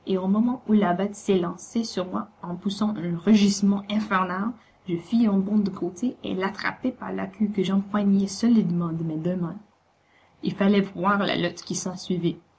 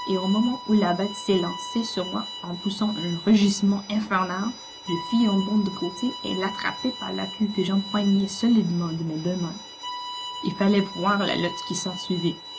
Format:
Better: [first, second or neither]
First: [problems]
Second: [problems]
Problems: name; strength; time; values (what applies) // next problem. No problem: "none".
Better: first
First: none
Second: background sound (Bowed string instrument); 12 dB below the speech